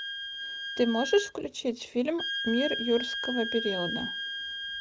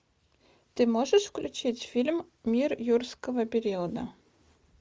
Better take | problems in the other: second | background sound (Wind instrument, woodwind instrument); 5 dB below the speech

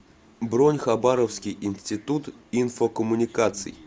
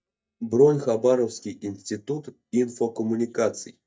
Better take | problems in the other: first | noise reduction (neural mask model DeepFilterNet 3)

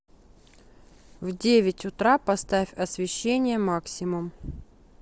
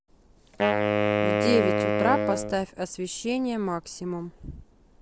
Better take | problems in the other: first | background sound (Wind instrument, woodwind instrument); 3 dB above the speech

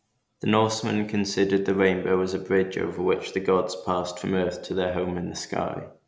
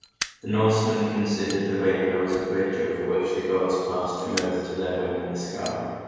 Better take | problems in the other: first | background sound (Fire); 17 dB below the speech // room echo; dies away in 1.9 s

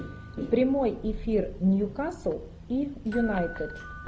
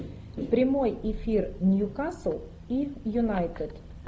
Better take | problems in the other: second | background sound (Door / Bell); 19 dB below the speech

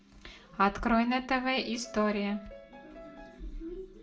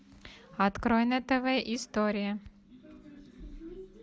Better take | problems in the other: second | background sound (Piano); 18 dB below the speech // room echo; dies away in 0.3 s

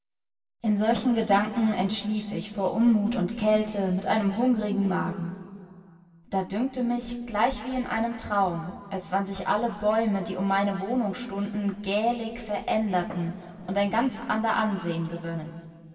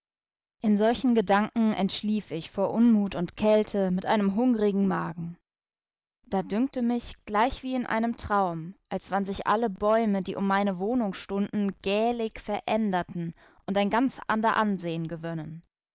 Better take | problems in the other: second | background sound (Fireworks); 17 dB below the speech // room echo; dies away in 2.4 s

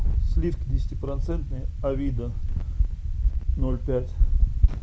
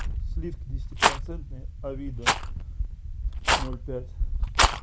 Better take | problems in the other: first | background sound (Rattle); 1 dB above the speech

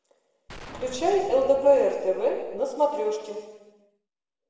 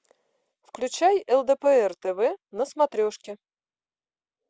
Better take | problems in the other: second | background sound (Gunshot, gunfire); 19 dB below the speech // room echo; dies away in 1.2 s

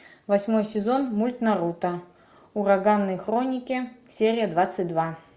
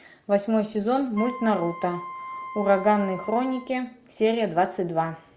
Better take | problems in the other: first | background sound (Wind instrument, woodwind instrument); 13 dB below the speech

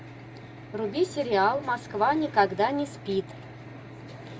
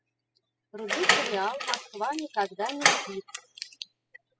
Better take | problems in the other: first | noise reduction (classical method spectral subtraction)

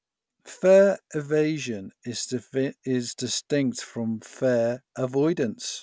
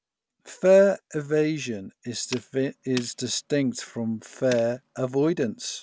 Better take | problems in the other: first | background sound (Tools); 20 dB below the speech

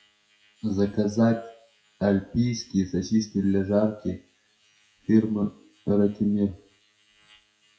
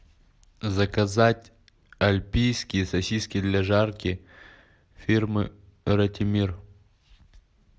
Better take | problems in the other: second | noise reduction (classical method WPE with log-MMSE)

